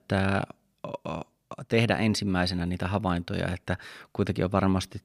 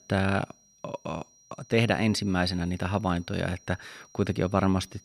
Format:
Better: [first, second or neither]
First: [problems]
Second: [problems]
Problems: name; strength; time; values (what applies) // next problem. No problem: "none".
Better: first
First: none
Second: high-pitched whine; faint; throughout; 5.5 kHz, 25 dB below the speech